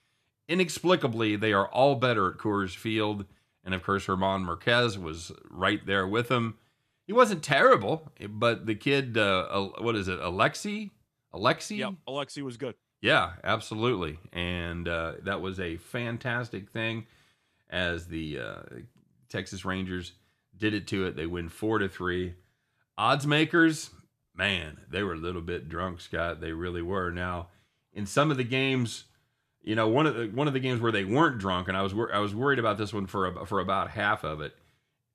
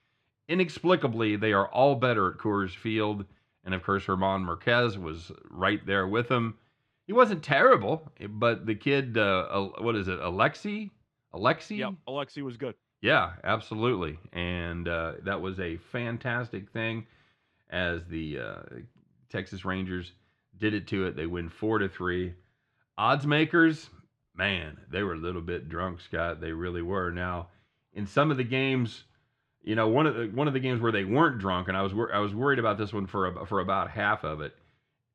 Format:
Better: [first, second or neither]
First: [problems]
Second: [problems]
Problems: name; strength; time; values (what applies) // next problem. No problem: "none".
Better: first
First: none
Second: muffled; slightly; fading above 3 kHz